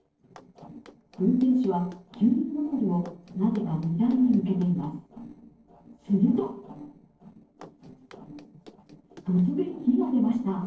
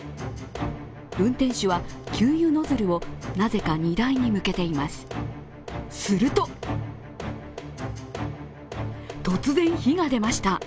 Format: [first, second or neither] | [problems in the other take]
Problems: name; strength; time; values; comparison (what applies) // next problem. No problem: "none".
second | noise reduction (neural separator model SepFormer DNS4)